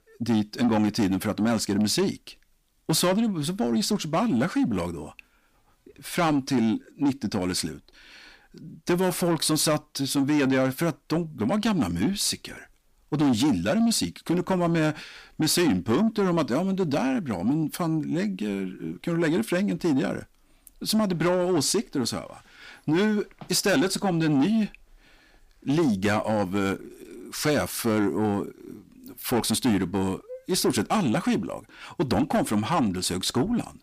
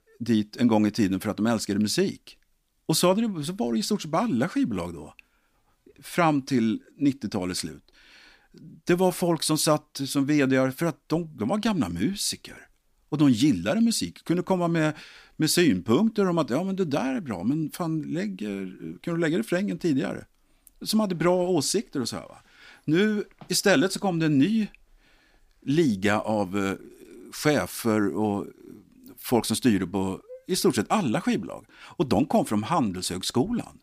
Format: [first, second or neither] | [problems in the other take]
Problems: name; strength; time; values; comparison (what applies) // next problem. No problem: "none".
second | distortion; slight; 10 dB below the speech